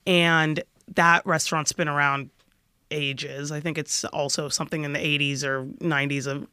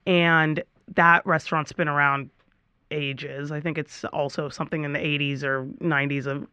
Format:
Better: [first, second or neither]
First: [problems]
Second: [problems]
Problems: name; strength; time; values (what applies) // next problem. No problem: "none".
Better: first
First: none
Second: muffled; very; fading above 2 kHz